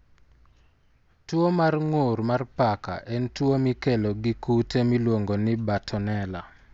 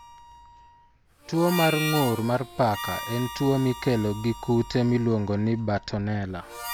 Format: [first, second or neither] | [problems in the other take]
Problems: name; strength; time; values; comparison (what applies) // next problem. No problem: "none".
first | background sound (Harmonica); 11 dB below the speech